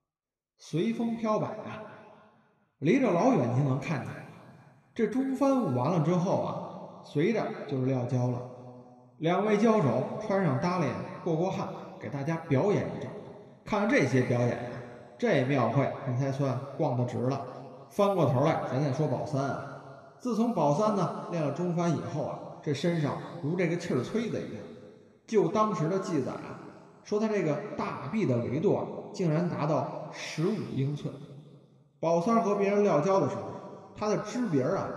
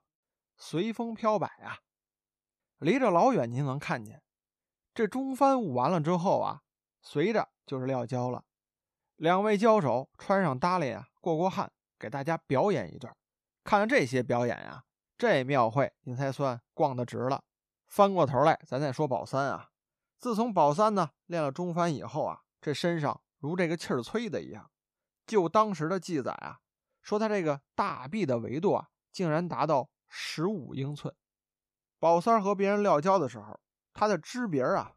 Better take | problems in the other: second | room echo; noticeable; dies away in 2.1 s // off-mic speech; somewhat distant

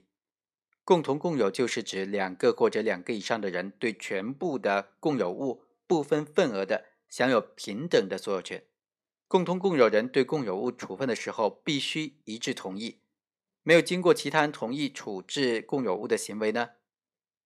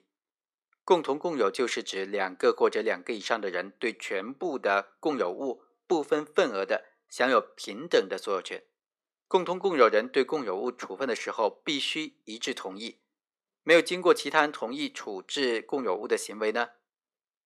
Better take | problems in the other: first | thin; very slightly; fading below 350 Hz

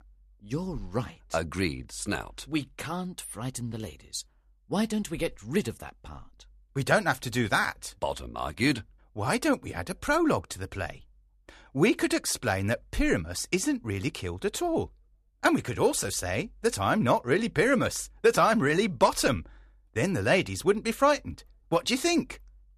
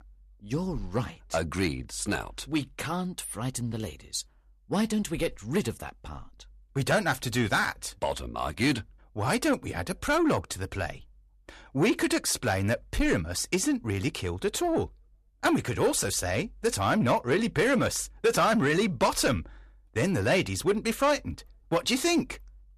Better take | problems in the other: first | distortion; slight; 10 dB below the speech

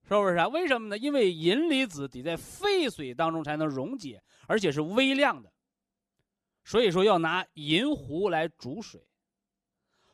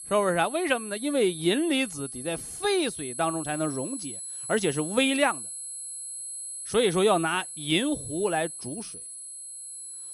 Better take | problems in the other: first | high-pitched whine; loud; throughout; 10.5 kHz, 9 dB below the speech

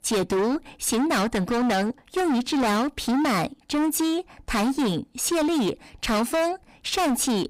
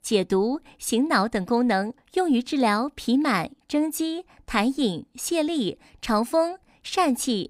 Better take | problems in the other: second | distortion; heavy; 31% of the sound clipped

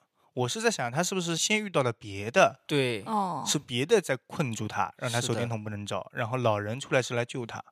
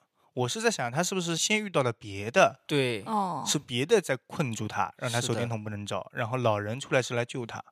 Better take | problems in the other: neither | thin; somewhat; fading below 650 Hz; the same in both

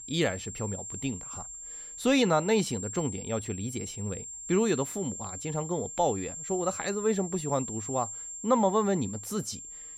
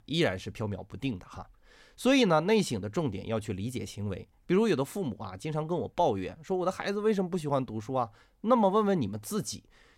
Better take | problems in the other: second | high-pitched whine; loud; throughout; 7.5 kHz, 8 dB below the speech

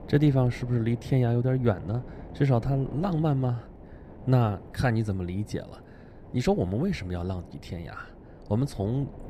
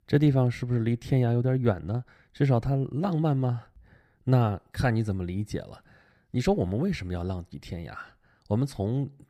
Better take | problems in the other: second | wind noise on the microphone; occasional gusts; 15 dB below the speech

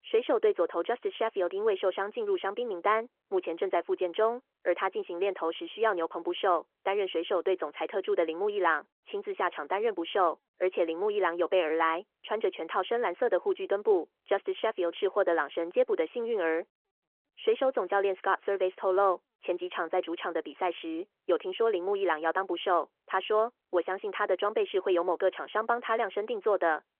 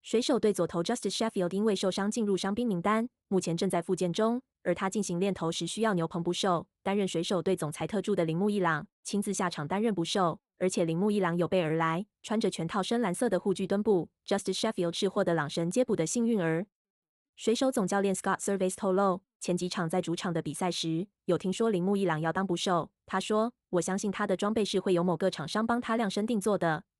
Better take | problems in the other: second | phone-call audio

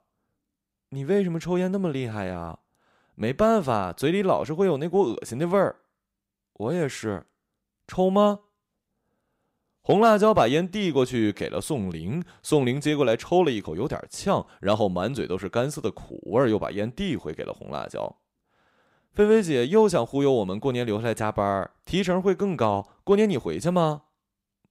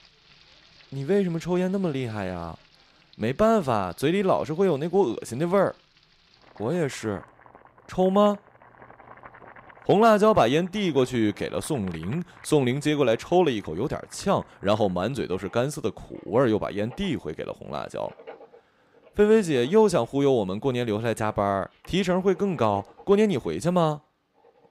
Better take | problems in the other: first | household noises; faint; throughout; 25 dB below the speech

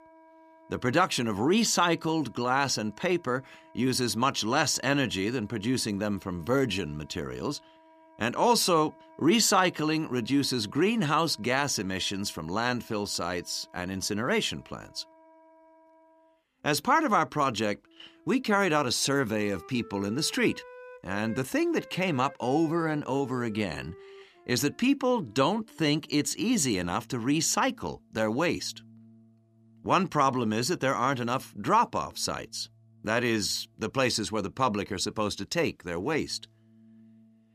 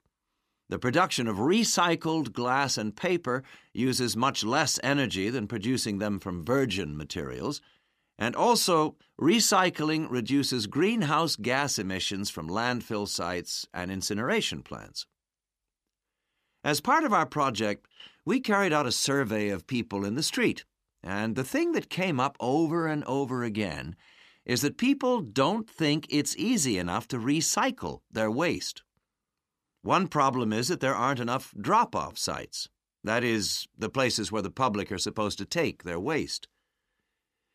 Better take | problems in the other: second | background music; faint; throughout; 25 dB below the speech

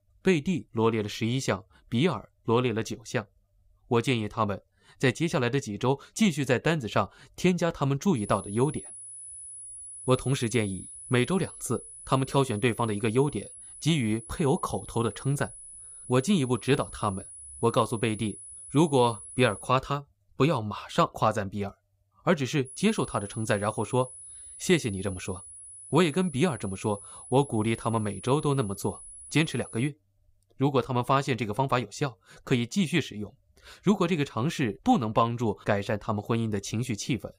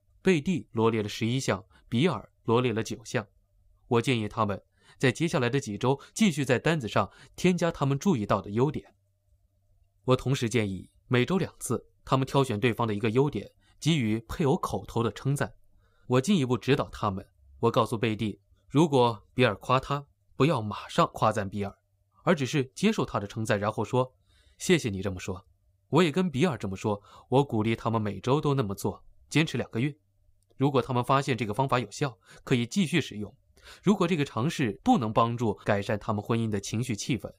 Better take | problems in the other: second | high-pitched whine; noticeable; from 8 to 20 s and from 23 to 30 s; 10 kHz, 15 dB below the speech

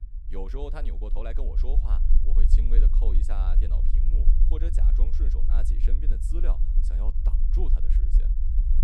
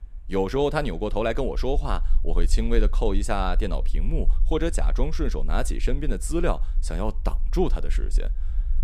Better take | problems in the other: second | low rumble; loud; throughout; 5 dB below the speech; faint in the second

